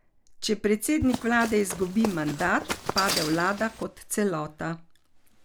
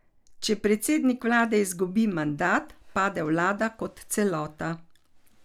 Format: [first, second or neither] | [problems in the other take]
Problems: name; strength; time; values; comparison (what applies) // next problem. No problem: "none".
second | background sound (Run); 7 dB below the speech